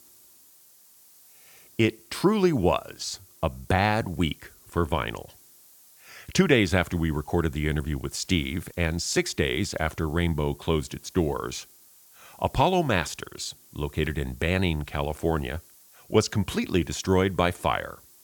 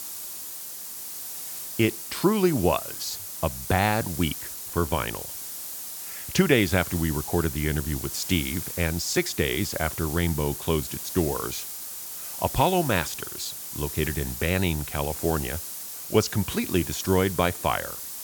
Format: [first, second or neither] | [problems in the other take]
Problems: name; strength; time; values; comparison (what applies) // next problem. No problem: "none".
first | hiss; loud; throughout; 7 dB below the speech; faint in the first